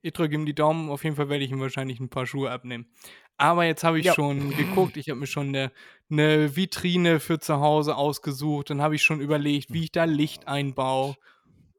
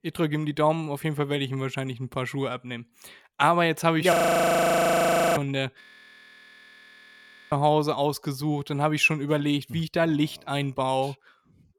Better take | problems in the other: first | audio freezing; at 4 s for 1 s and at 6 s for 1.5 s

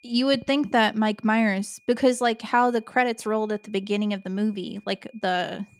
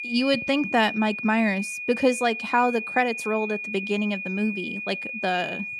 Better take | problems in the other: first | high-pitched whine; loud; throughout; 2.5 kHz, 6 dB below the speech; faint in the first

